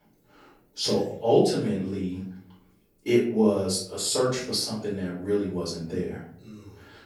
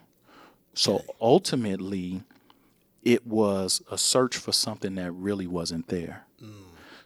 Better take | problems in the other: second | off-mic speech; far // room echo; noticeable; dies away in 0.6 s

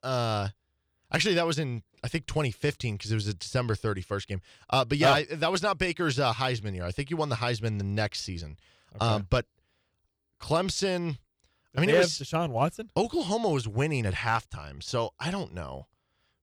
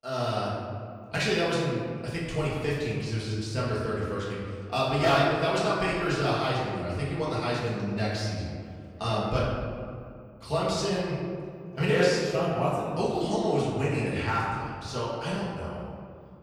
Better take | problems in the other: first | off-mic speech; far // room echo; noticeable; dies away in 2 s

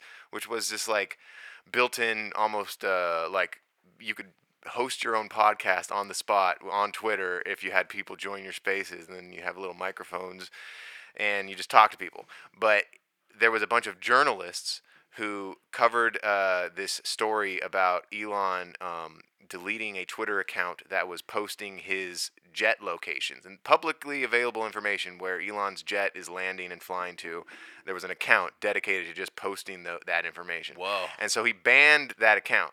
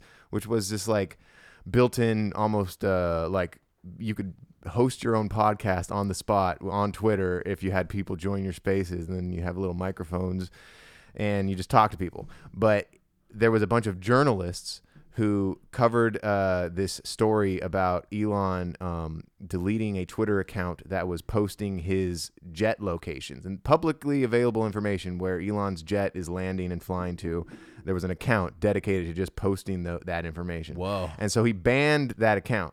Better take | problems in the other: second | thin; very; fading below 650 Hz

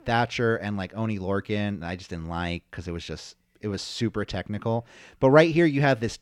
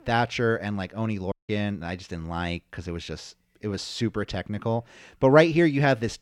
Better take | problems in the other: first | audio cutting out; at 1.5 s

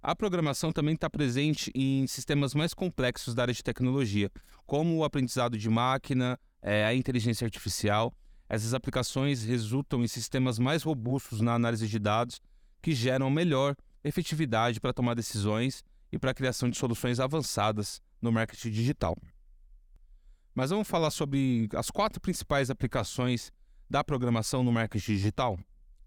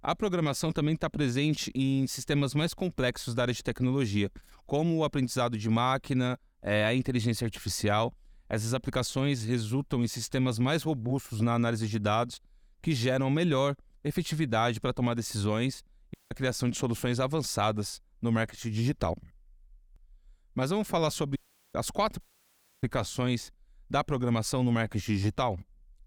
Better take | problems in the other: first | audio cutting out; at 16 s, at 21 s and at 22 s for 0.5 s

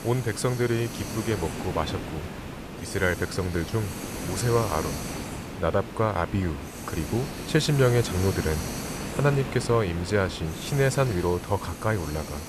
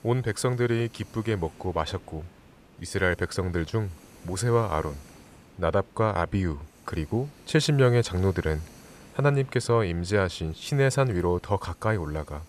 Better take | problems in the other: second | hiss; loud; throughout; 8 dB below the speech; faint in the second

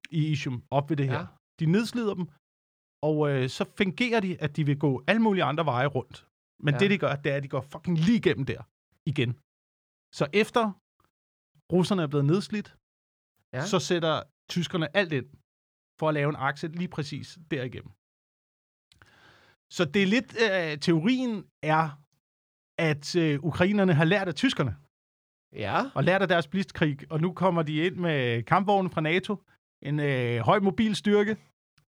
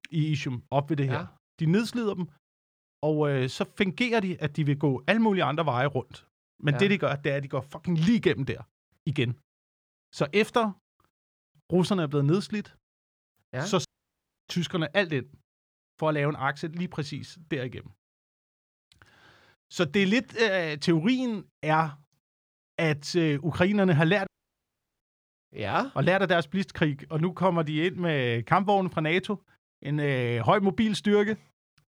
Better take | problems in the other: first | audio cutting out; at 14 s for 0.5 s and at 24 s for 0.5 s

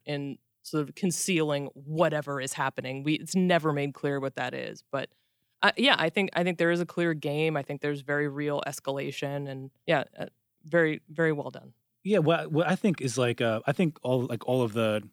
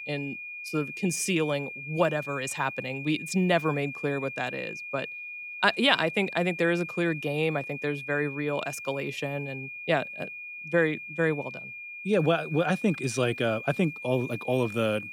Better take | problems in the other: first | high-pitched whine; loud; throughout; 2.5 kHz, 9 dB below the speech

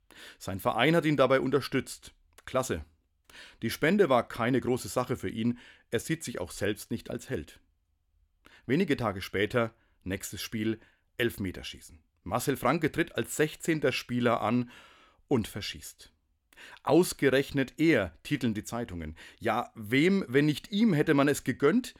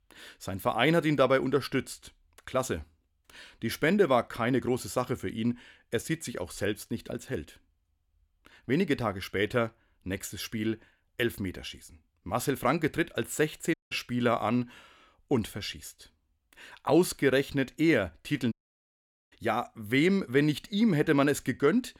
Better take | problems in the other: first | audio cutting out; at 14 s and at 19 s for 1 s

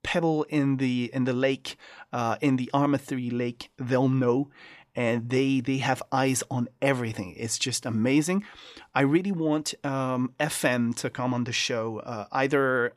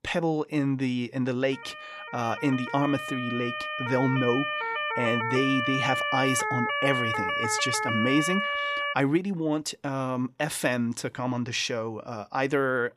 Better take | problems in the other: first | siren; loud; from 1.5 to 9 s; peak 2 dB above the speech

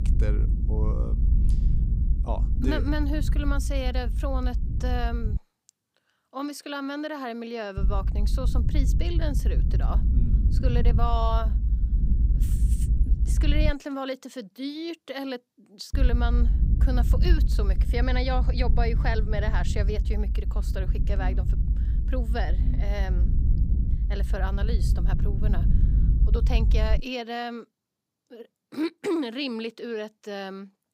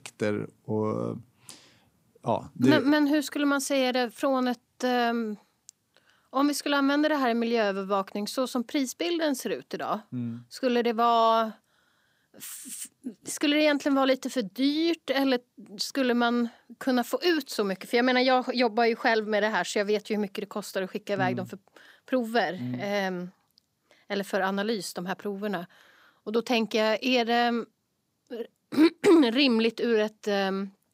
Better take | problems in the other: second | low rumble; loud; until 5.5 s, from 8 to 14 s and from 16 to 27 s; 10 dB below the speech

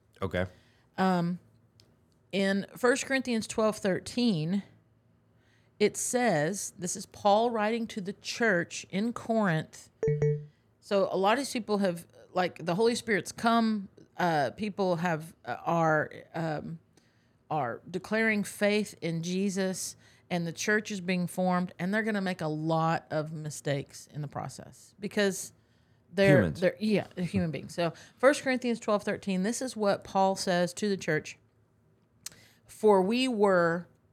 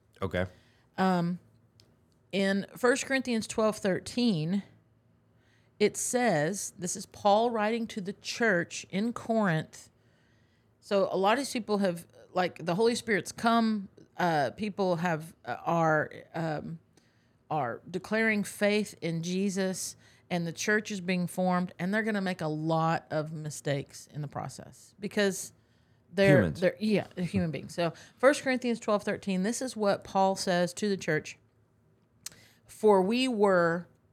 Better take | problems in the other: second | phone ringing; loud; at 10 s; peak 1 dB above the speech

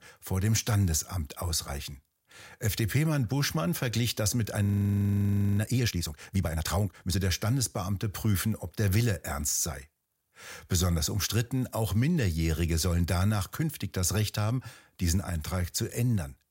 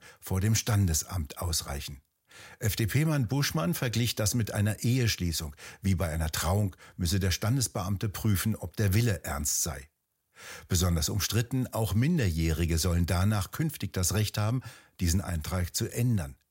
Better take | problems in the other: second | audio freezing; at 4.5 s for 1 s

